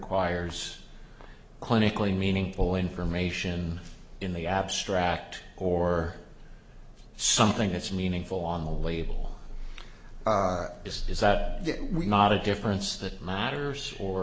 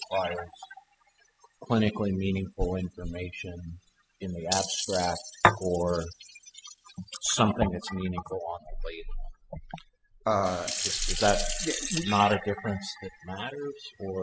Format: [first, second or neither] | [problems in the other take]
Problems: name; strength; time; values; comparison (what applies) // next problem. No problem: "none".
first | noise reduction (classical method spectral subtraction)